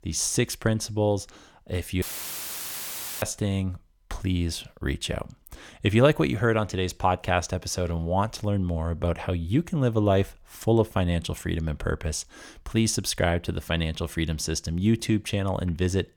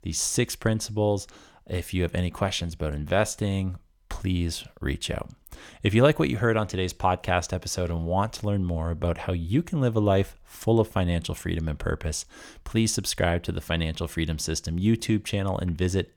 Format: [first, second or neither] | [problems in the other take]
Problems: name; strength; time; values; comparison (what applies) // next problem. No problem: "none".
second | audio cutting out; filled with static; at 2 s for 1 s